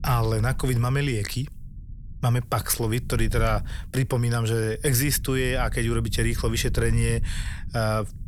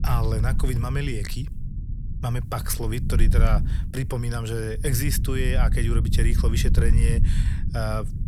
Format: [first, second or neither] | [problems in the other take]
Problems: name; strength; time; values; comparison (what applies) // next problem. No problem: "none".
first | low rumble; loud; throughout; 9 dB below the speech; faint in the first